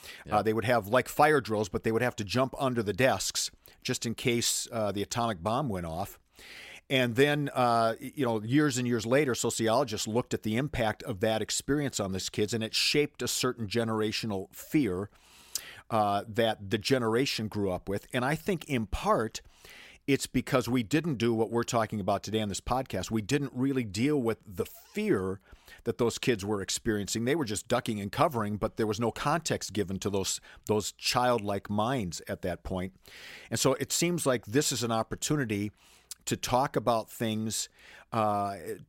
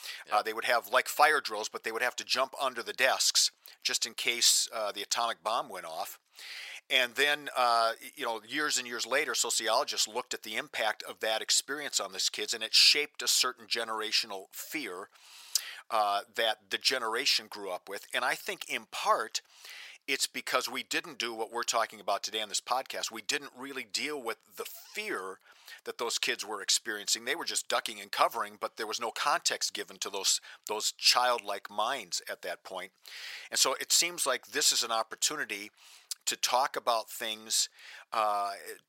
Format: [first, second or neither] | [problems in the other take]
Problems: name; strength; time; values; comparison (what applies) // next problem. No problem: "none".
first | thin; very; fading below 850 Hz